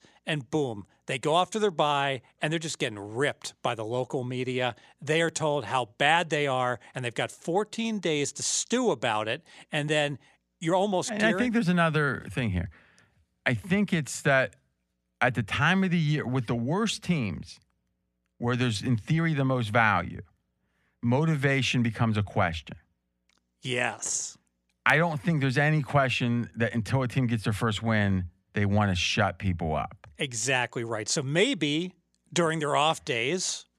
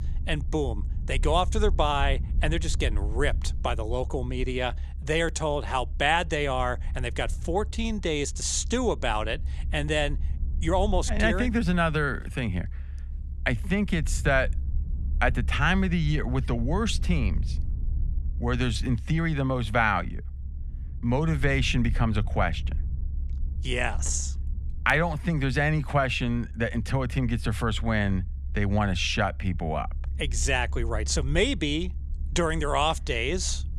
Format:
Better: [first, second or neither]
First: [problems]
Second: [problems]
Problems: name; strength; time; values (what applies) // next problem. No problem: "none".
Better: first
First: none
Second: low rumble; faint; throughout; 25 dB below the speech